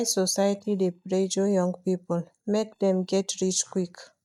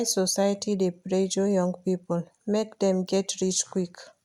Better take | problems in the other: second | noise reduction (neural mask model DeepFilterNet 3)

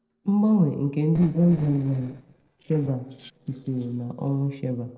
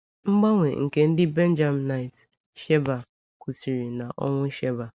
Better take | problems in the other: second | noise reduction (neural separator model SepFormer DNS4)

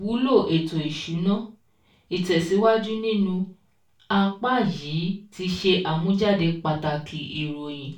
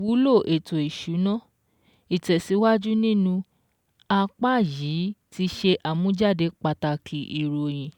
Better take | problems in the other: second | room echo; dies away in 0.3 s

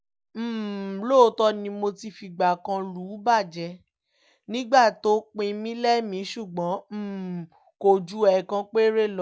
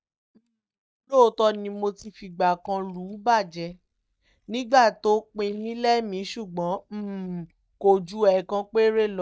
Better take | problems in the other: first | noise reduction (neural mask model DeepFilterNet 3)

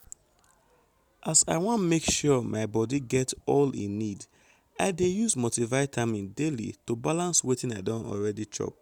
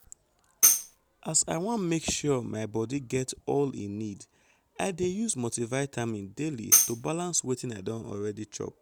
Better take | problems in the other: first | background sound (Tambourine); 4 dB above the speech

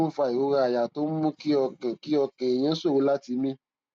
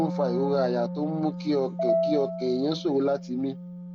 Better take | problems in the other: first | background sound (Piano + Wind instrument, woodwind instrument); 4 dB below the speech

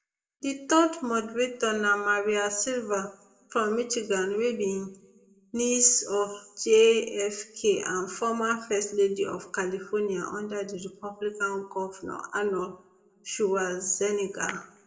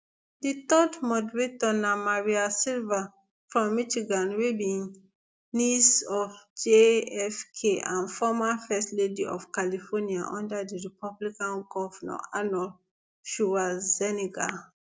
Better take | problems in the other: second | room echo; dies away in 0.6 s

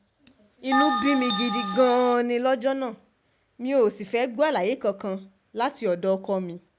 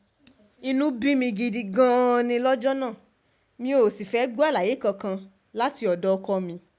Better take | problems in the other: second | background sound (Bell); 2 dB below the speech

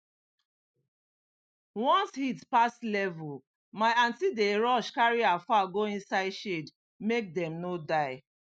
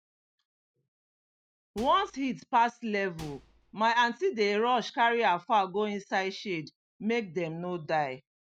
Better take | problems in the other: first | background sound (Microwave oven); 20 dB below the speech

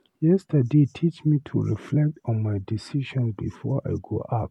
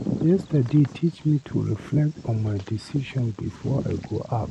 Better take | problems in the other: first | background sound (Bird vocalization, bird call, bird song); 11 dB below the speech

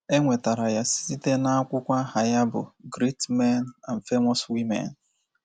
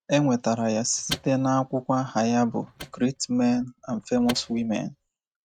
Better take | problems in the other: first | noise reduction (neural mask model RNNoise)

